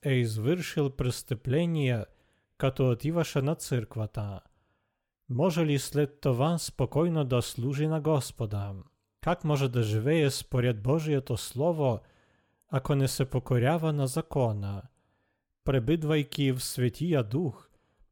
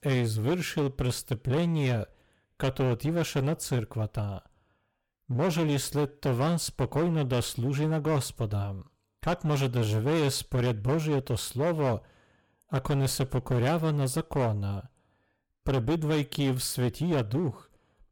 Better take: first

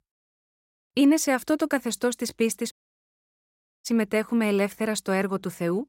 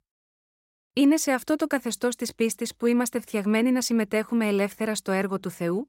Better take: second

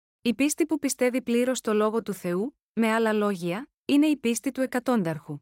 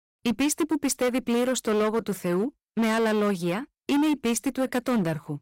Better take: first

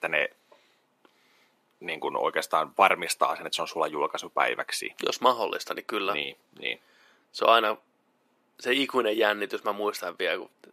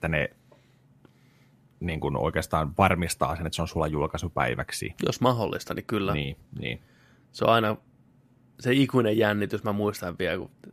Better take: second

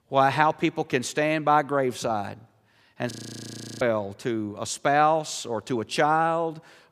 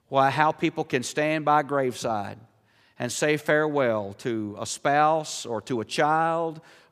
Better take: second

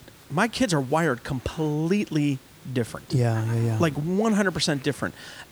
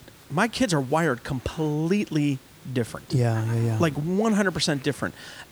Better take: neither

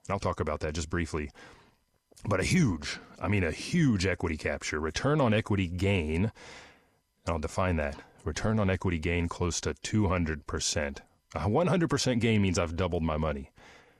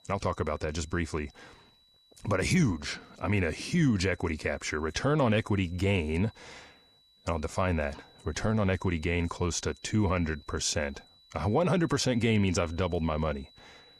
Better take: first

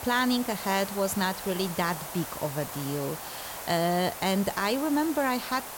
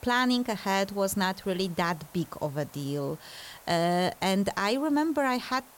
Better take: second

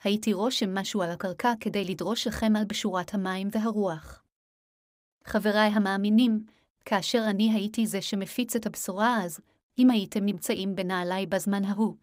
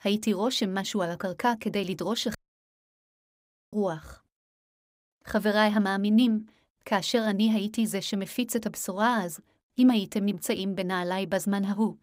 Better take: first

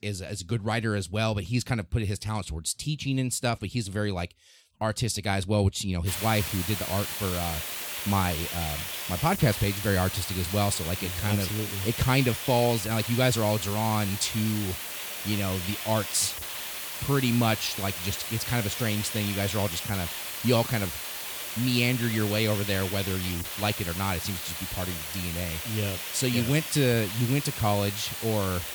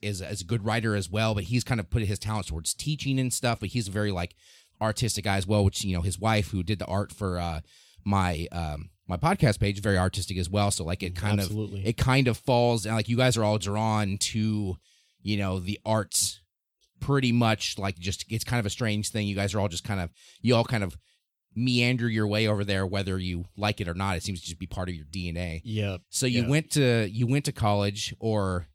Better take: second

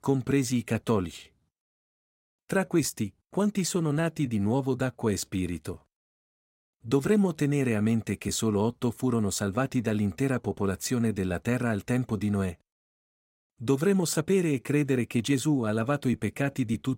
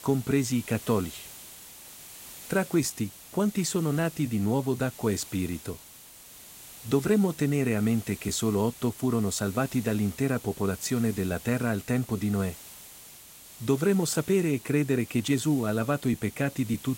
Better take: first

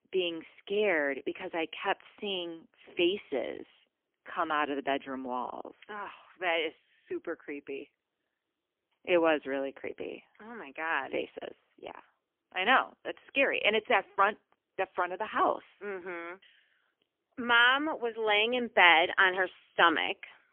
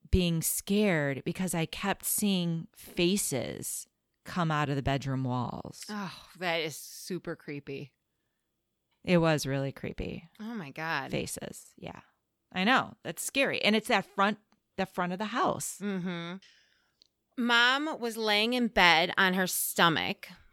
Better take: second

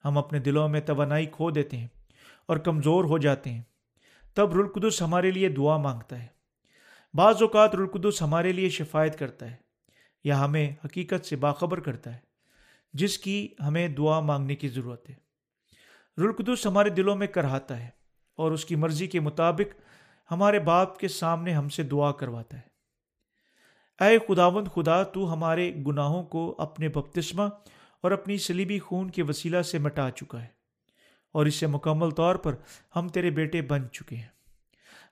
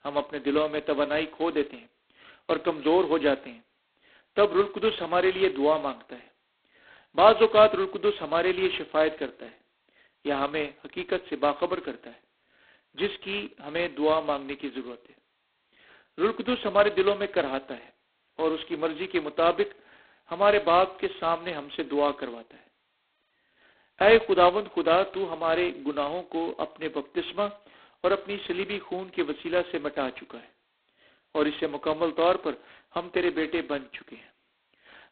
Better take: first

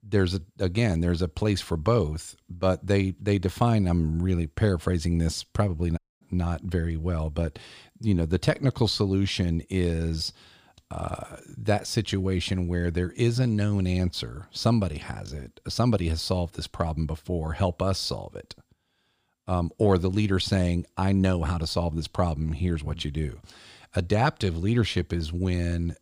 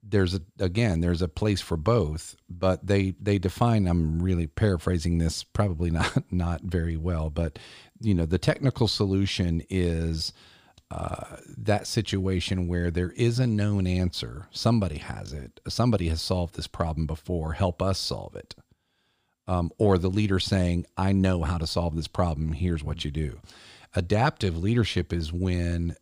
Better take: second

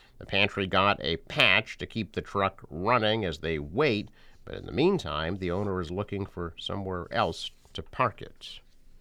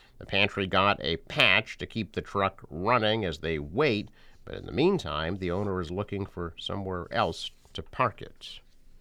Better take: neither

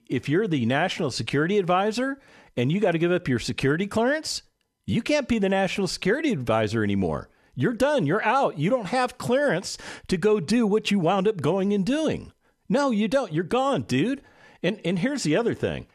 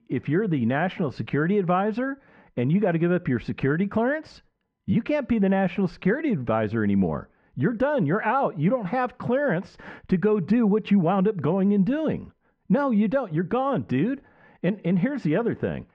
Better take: first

